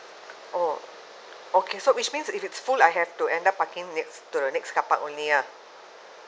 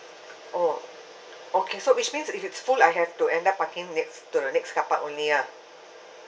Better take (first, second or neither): first